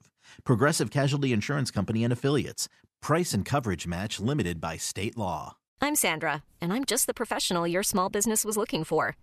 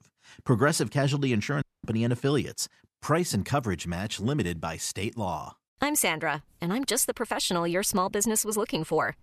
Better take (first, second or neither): first